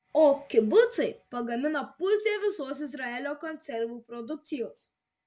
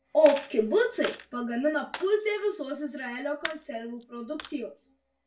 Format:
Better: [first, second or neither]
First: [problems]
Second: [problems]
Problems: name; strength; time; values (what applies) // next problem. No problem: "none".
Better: first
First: none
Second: background sound (Coin (dropping)); 16 dB below the speech // room echo; dies away in 0.2 s